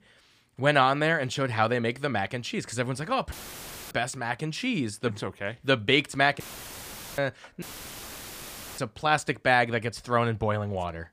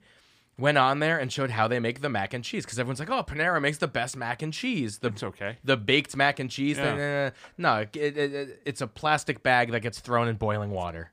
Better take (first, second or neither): second